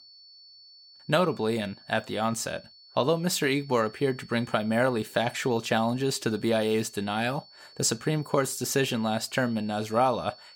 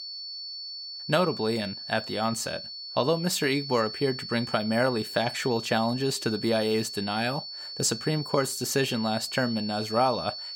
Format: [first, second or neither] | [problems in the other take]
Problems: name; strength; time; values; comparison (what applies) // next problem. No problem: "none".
first | high-pitched whine; loud; throughout; 4.5 kHz, 8 dB below the speech; faint in the first